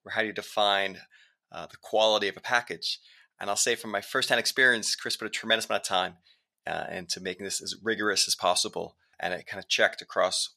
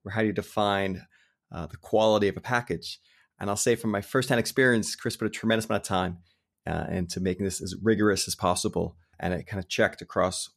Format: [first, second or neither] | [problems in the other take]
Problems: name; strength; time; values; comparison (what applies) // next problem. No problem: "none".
second | thin; somewhat; fading below 700 Hz